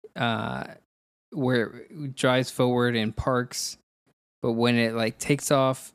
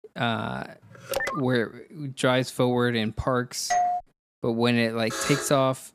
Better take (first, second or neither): first